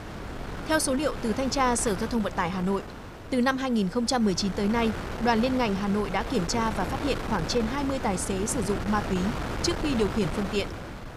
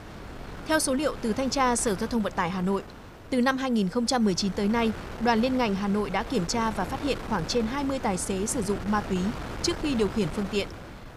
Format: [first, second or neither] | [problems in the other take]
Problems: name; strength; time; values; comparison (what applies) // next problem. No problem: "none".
second | wind noise on the microphone; heavy; 8 dB below the speech; occasional gusts in the second